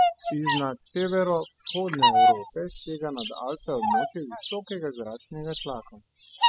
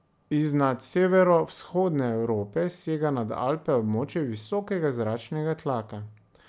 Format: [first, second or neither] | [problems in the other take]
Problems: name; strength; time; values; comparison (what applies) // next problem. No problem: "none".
second | noise reduction (classical method spectral subtraction)